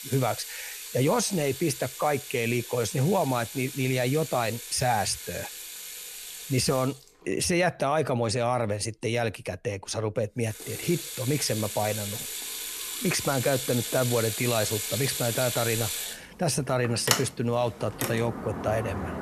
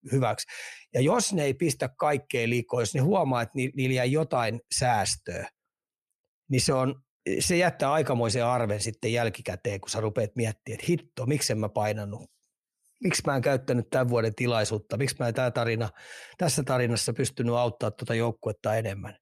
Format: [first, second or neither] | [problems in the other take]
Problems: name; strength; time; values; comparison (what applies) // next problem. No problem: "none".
second | household noises; loud; throughout; 5 dB below the speech